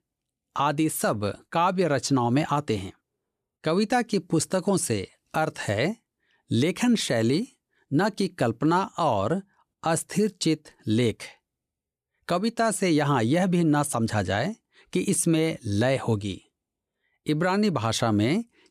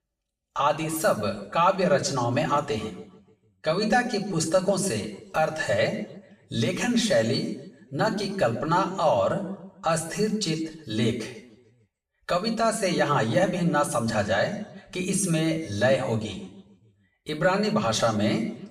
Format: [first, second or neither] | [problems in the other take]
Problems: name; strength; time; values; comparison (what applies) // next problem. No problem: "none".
first | room echo; slight; dies away in 0.6 s // off-mic speech; far